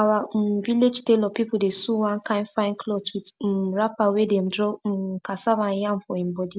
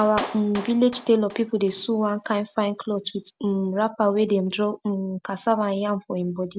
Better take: first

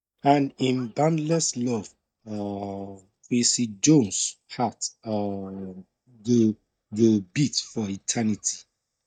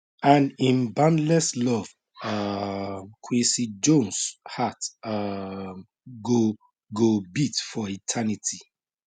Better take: second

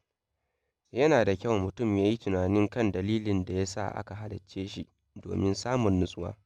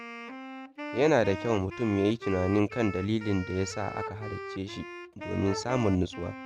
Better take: first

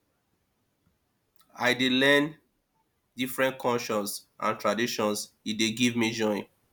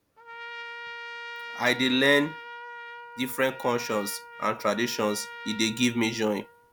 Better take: first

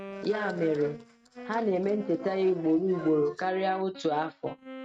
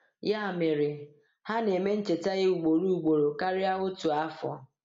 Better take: second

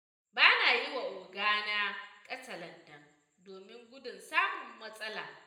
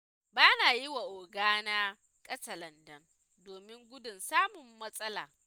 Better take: second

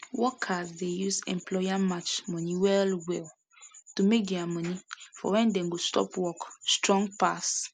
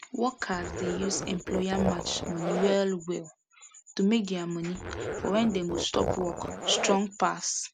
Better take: first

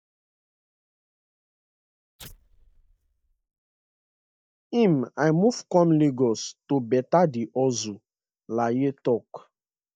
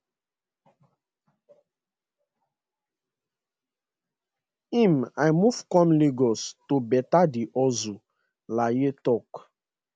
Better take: second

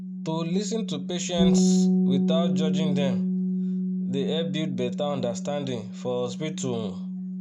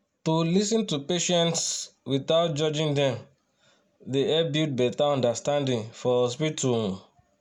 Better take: second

